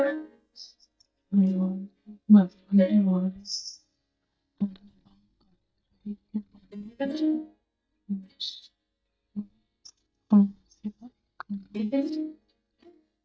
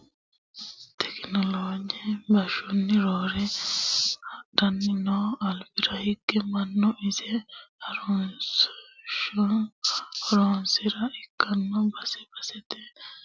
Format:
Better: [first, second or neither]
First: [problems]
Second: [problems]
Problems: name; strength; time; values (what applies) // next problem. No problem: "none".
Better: second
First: noise reduction (neural mask model DeepFilterNet 3)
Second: none